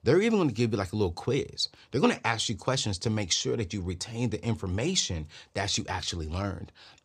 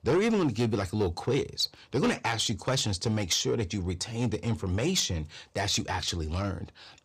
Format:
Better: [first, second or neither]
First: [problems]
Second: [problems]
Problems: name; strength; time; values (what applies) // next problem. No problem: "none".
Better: first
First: none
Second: distortion; slight; 10 dB below the speech